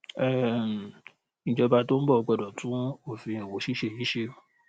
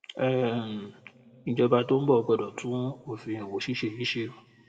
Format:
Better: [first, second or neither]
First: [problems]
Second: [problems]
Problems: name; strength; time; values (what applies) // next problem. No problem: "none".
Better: first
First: none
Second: room echo; dies away in 1.8 s